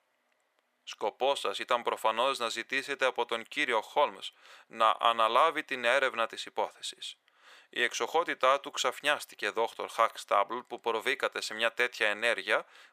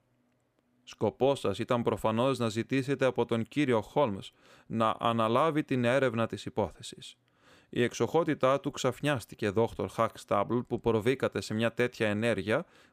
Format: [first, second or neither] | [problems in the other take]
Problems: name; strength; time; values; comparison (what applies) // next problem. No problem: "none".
second | thin; very; fading below 800 Hz